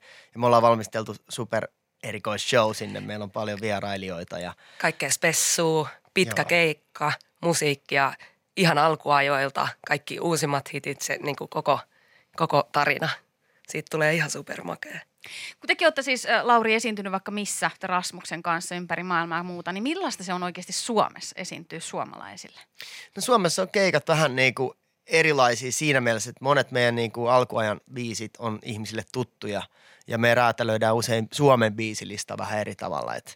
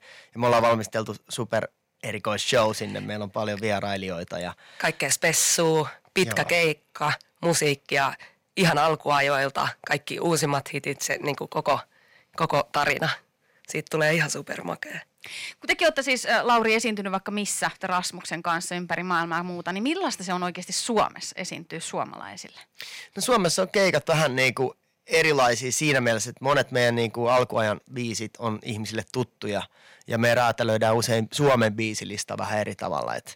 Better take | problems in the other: first | distortion; slight; 3% of the sound clipped

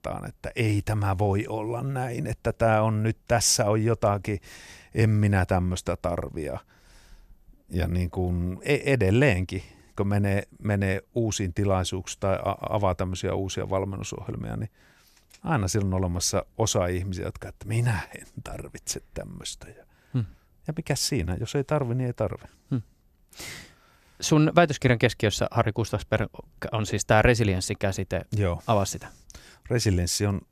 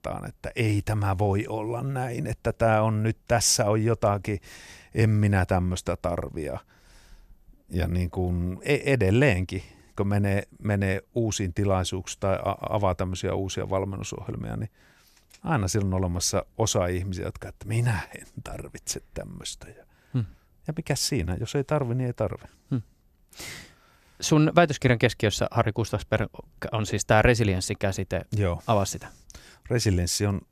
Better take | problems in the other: neither | none

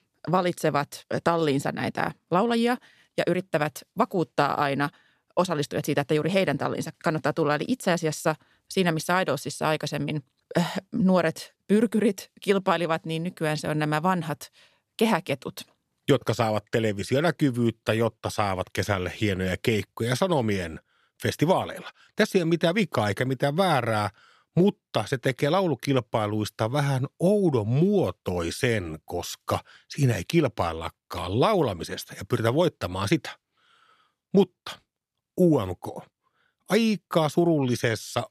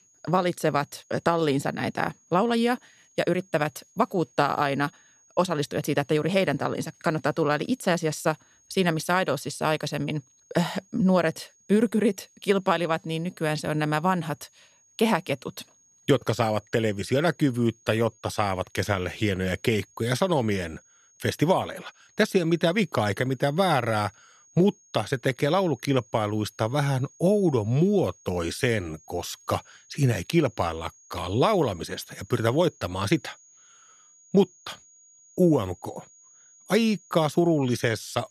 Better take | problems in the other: first | high-pitched whine; faint; throughout; 6.5 kHz, 30 dB below the speech

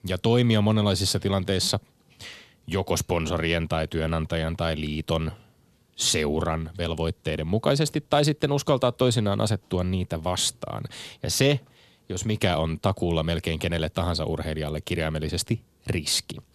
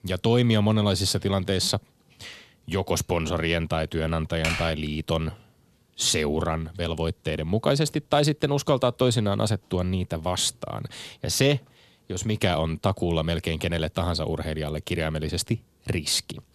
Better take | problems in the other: first | keyboard typing; noticeable; at 4.5 s; peak 3 dB below the speech

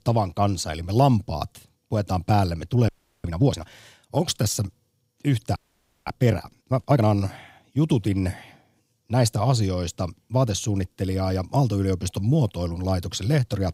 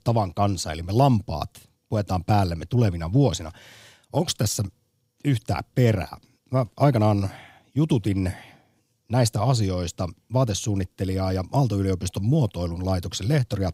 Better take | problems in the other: second | audio freezing; at 3 s and at 5.5 s for 0.5 s

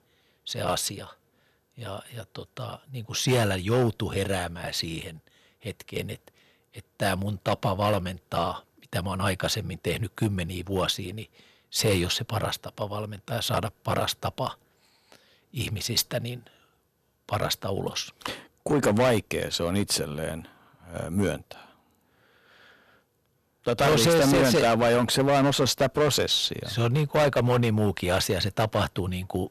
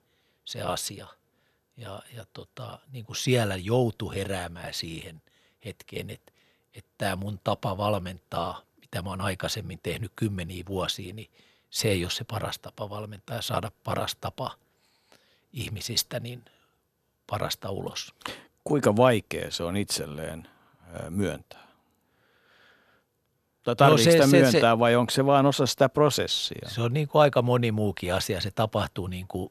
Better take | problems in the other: second | distortion; heavy; 5% of the sound clipped

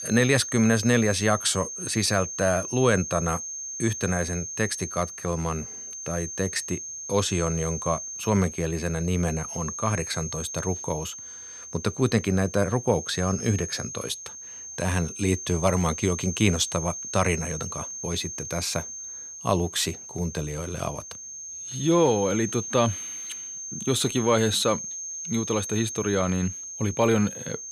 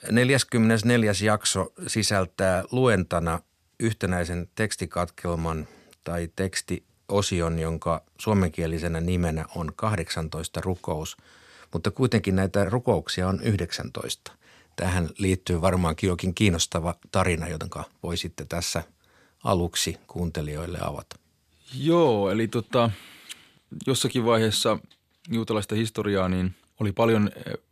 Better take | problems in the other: second | high-pitched whine; loud; throughout; 6.5 kHz, 7 dB below the speech

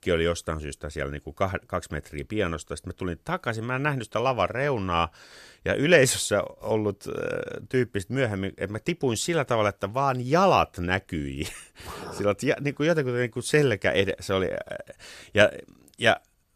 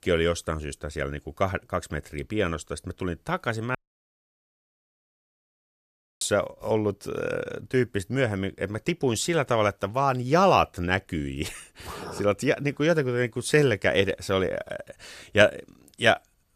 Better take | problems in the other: first | audio cutting out; at 4 s for 2.5 s

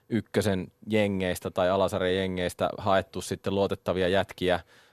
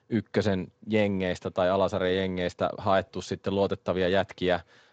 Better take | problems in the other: first | garbled, watery; slightly; nothing above 7.5 kHz

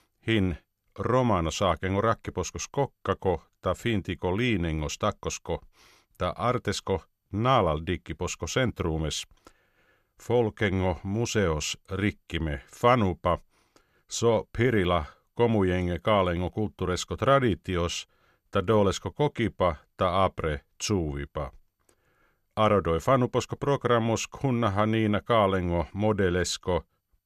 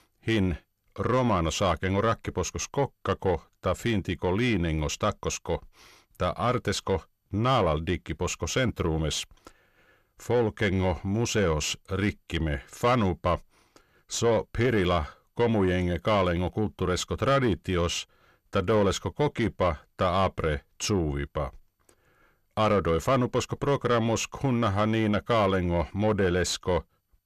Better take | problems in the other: first | distortion; slight; 10 dB below the speech

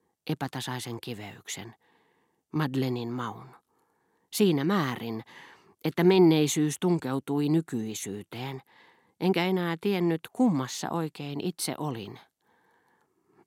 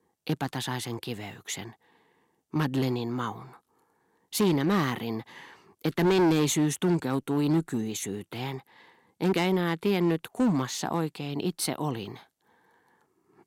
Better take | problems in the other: first | distortion; slight; 5% of the sound clipped

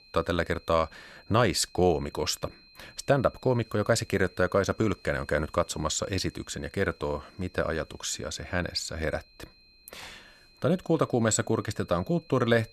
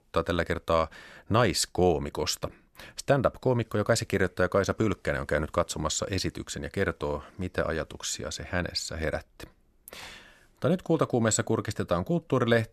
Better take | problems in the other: second | high-pitched whine; faint; throughout; 4 kHz, 25 dB below the speech

